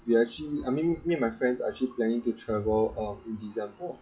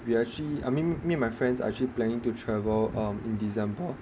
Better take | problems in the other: second | noise reduction (classical method WPE with log-MMSE)

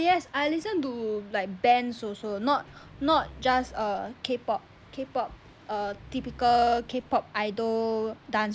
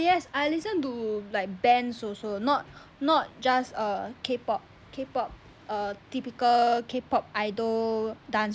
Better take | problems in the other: second | background sound (Growling); 20 dB below the speech

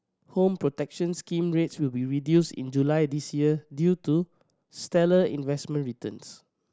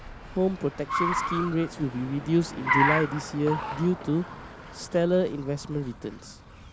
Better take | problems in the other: first | background sound (Car); 4 dB below the speech

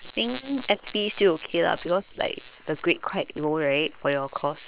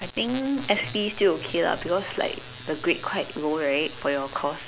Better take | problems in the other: second | noise reduction (neural separator model SepFormer WHAM!)

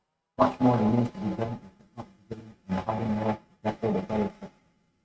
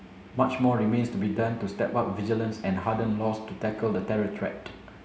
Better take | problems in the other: second | noise reduction (neural mask model RNNoise)

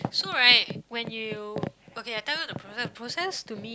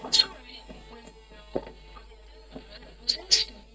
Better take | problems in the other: first | noise reduction (neural mask model DeepFilterNet 3)

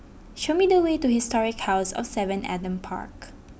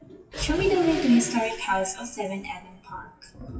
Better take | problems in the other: first | noise reduction (classical method WPE with log-MMSE)

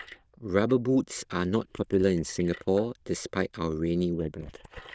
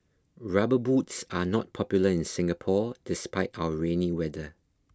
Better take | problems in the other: second | noise reduction (neural diffusion model UNIVERSE++)

